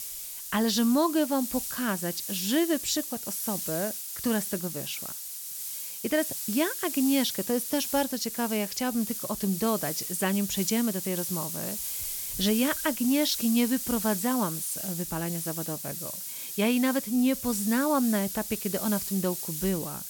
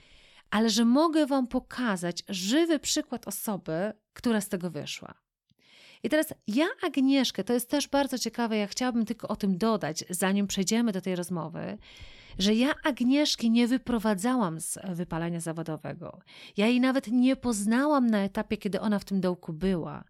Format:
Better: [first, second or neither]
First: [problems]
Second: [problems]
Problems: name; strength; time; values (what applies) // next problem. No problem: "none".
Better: second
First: hiss; loud; throughout; 4 dB below the speech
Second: none